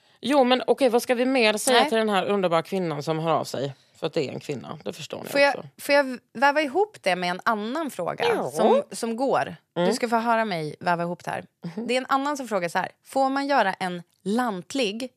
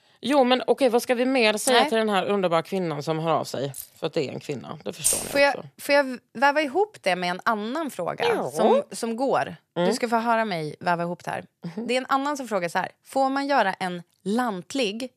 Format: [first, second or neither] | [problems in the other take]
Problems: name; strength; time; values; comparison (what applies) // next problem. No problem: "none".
first | jangling keys; faint; at 3.5 s; peak 15 dB below the speech // jangling keys; loud; at 5 s; peak 1 dB above the speech